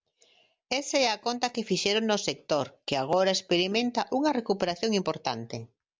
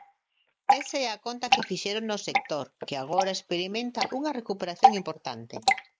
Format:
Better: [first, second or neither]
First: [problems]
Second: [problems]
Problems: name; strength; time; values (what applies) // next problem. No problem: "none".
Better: first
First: none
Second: noise reduction (neural mask model Resemble Enhance denoiser)